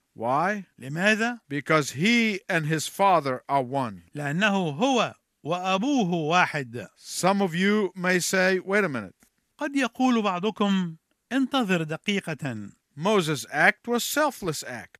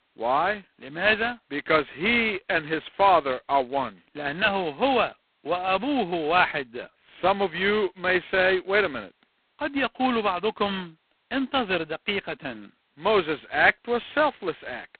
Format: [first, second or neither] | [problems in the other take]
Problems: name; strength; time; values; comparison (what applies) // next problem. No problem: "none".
first | phone-call audio; poor line; nothing above 4 kHz